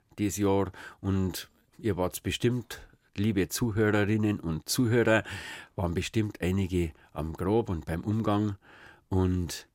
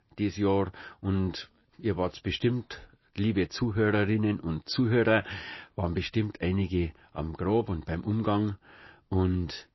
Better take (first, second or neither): first